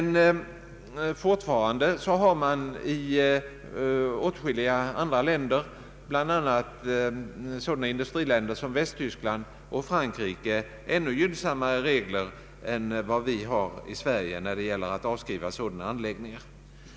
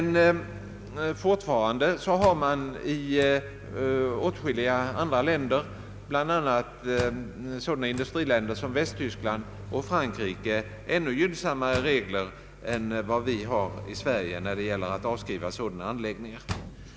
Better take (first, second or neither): first